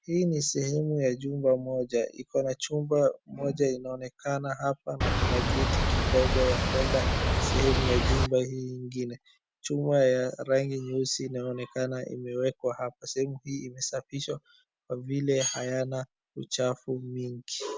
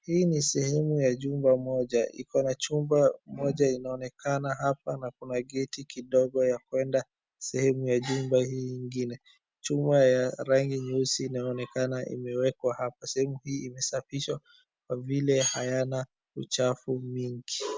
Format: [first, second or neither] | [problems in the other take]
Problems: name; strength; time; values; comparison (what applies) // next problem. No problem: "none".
second | background sound (Boat, Water vehicle); 4 dB above the speech